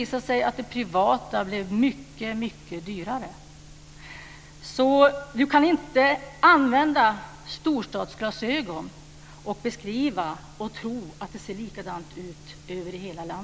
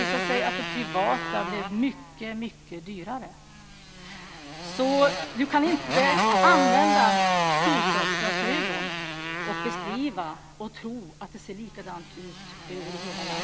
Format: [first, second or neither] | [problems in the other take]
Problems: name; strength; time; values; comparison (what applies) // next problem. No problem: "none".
first | background sound (Motorcycle); 1 dB above the speech